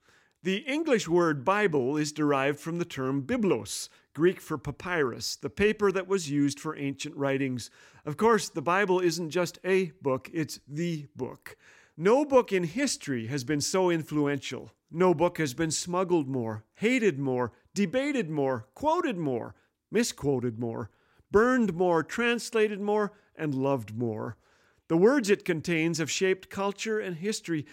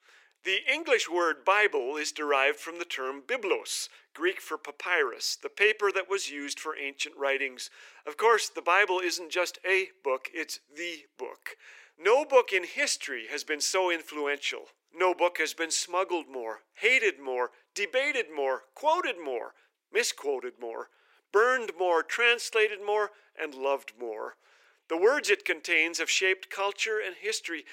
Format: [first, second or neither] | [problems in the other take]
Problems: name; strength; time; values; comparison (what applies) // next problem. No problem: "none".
first | thin; very; fading below 400 Hz